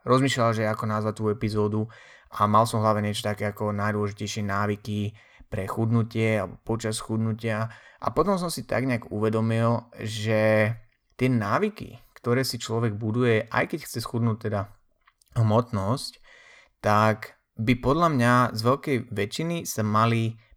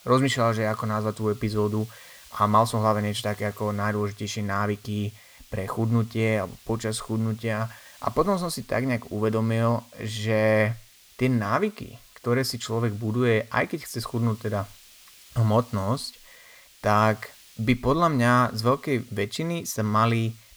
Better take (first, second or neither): first